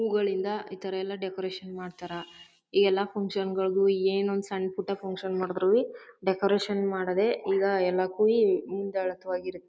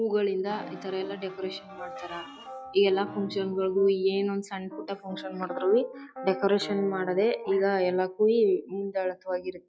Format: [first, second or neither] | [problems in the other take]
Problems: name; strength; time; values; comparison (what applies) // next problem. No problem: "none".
first | noise reduction (classical method log-MMSE)